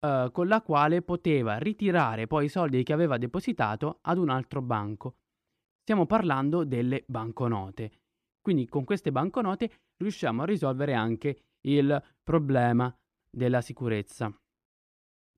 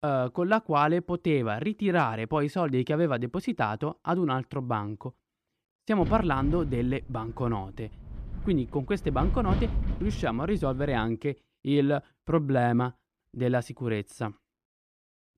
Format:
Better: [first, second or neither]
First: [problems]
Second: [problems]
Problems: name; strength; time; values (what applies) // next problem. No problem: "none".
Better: first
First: none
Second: wind noise on the microphone; occasional gusts; from 6 to 11 s; 15 dB below the speech